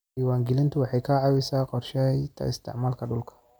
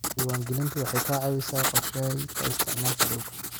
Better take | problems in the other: first | background sound (Writing); 1 dB above the speech

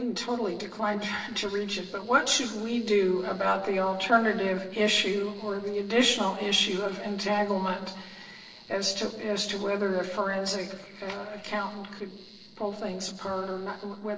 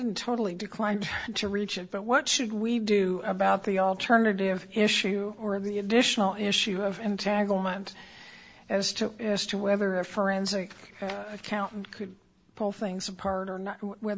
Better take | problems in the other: second | noise reduction (neural separator model SepFormer DNS4)

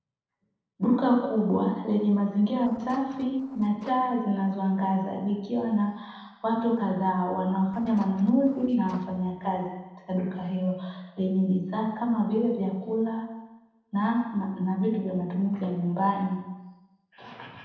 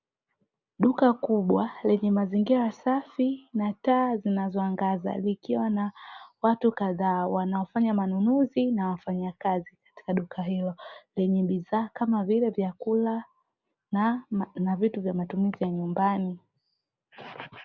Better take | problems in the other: second | noise reduction (neural separator model SepFormer DNS4)

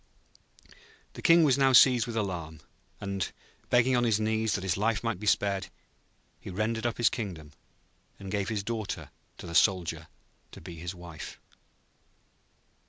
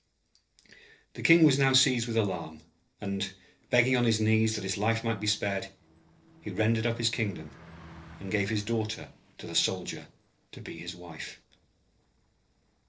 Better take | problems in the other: first | noise reduction (neural separator model SepFormer DNS4)

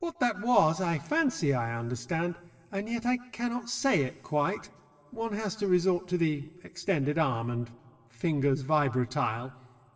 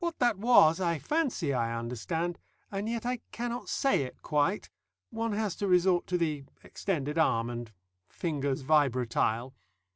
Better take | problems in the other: second | room echo; dies away in 2.8 s

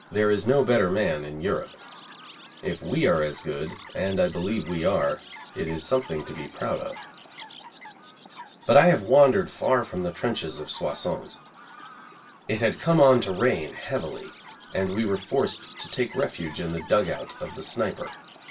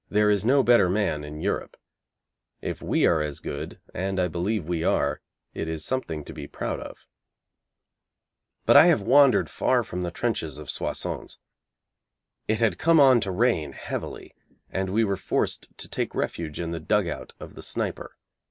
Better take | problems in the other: second | background sound (Chirp, tweet); 19 dB below the speech // room echo; dies away in 0.2 s

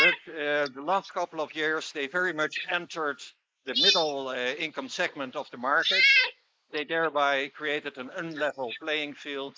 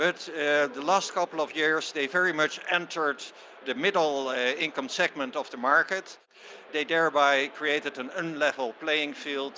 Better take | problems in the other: second | noise reduction (neural mask model Resemble Enhance denoiser)

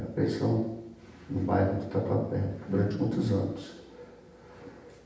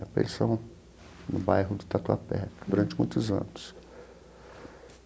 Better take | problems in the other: second | room echo; dies away in 0.9 s

